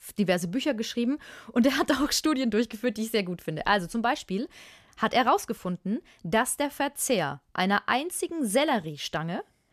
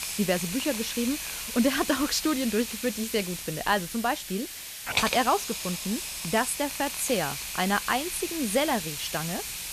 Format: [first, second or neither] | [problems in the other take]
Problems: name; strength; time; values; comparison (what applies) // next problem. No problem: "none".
first | hiss; loud; throughout; 4 dB below the speech